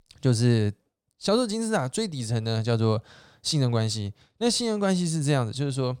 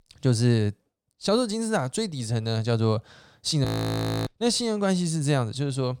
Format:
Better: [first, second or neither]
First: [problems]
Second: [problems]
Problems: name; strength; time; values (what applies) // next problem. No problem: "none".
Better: first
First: none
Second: audio freezing; at 3.5 s for 0.5 s